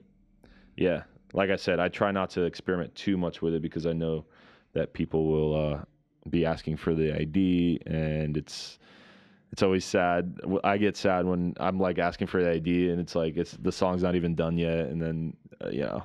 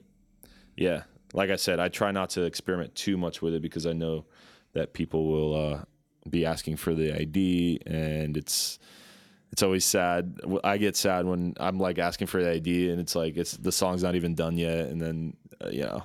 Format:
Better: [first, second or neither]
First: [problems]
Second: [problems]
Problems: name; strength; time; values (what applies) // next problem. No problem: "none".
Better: second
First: muffled; slightly; fading above 3 kHz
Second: none